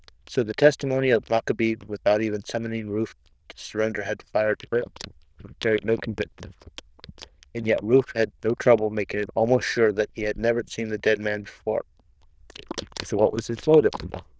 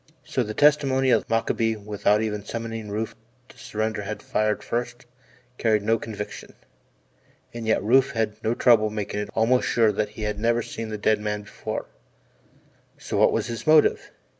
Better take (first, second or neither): second